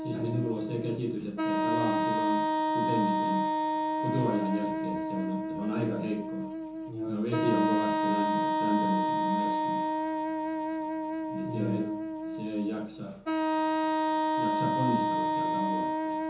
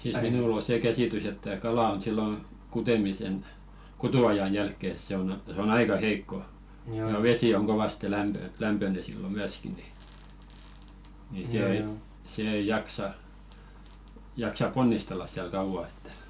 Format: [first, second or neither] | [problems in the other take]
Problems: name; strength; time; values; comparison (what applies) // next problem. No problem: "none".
second | background sound (Wind instrument, woodwind instrument); 4 dB above the speech // room echo; dies away in 0.5 s